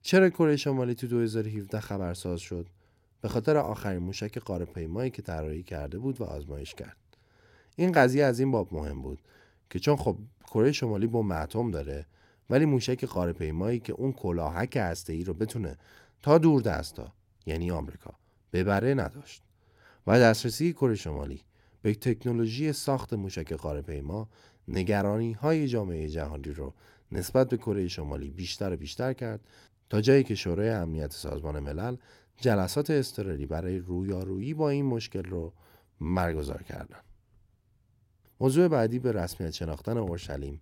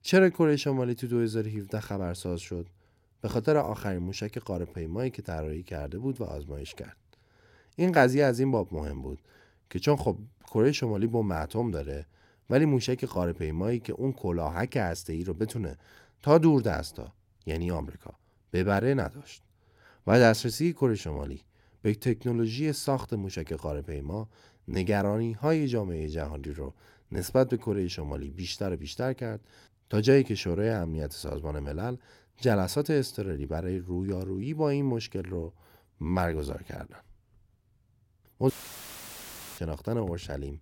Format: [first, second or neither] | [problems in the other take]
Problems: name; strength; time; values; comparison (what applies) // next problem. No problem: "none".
first | audio cutting out; filled with static; at 39 s for 1 s